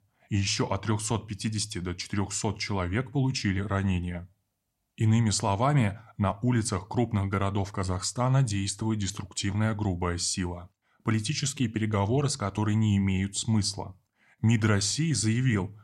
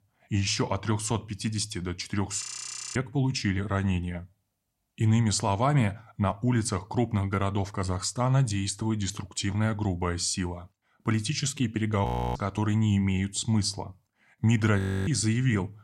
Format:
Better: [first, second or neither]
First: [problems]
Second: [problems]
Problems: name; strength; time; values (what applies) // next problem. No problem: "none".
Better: first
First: none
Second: audio freezing; at 2.5 s for 0.5 s, at 12 s and at 15 s